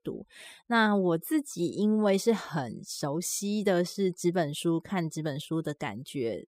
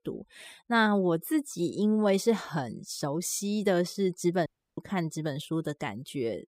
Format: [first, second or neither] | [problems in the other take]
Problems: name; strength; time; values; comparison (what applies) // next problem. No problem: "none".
first | audio cutting out; at 4.5 s